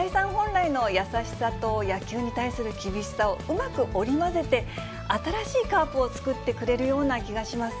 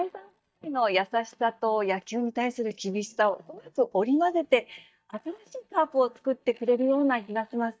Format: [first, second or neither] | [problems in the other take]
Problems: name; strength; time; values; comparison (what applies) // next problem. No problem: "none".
first | noise reduction (neural mask model DeepFilterNet 3)